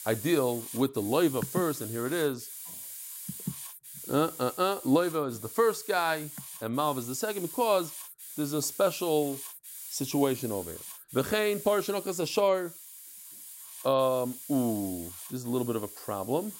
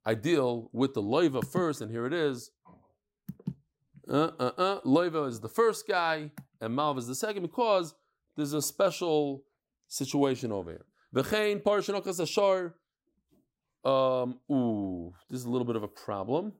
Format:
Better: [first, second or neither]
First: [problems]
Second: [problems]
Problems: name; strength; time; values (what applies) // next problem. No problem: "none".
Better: second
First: hiss; noticeable; throughout; 10 dB below the speech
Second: none